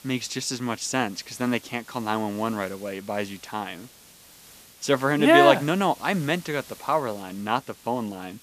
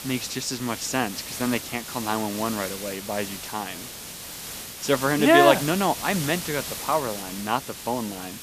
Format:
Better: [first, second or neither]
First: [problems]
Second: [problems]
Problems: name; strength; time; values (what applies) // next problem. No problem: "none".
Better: first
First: hiss; faint; throughout; 20 dB below the speech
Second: hiss; loud; throughout; 8 dB below the speech